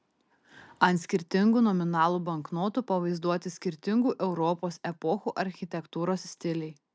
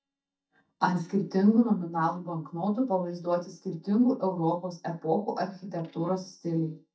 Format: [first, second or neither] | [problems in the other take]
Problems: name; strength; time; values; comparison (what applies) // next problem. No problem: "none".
first | noise reduction (neural mask model DeepFilterNet 3)